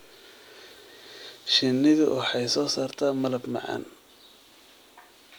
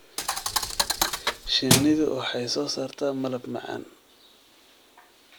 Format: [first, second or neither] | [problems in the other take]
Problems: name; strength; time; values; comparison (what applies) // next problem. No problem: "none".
first | background sound (Thump, thud); 3 dB above the speech